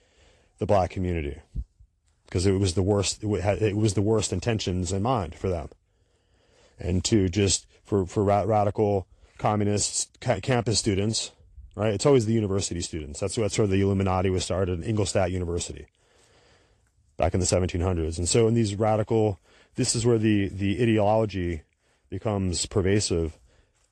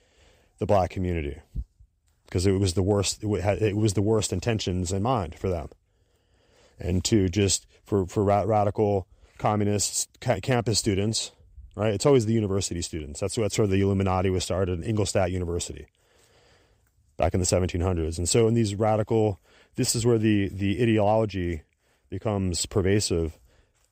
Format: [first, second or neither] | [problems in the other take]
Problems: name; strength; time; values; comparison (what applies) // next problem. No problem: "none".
second | garbled, watery; slightly; nothing above 8.5 kHz